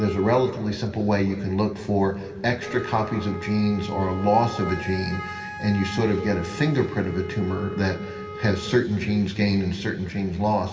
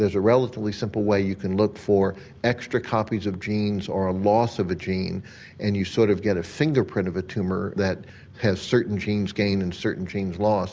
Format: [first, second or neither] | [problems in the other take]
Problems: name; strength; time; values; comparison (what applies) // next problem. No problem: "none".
second | background sound (Wind instrument, woodwind instrument); 14 dB below the speech // room echo; dies away in 2.5 s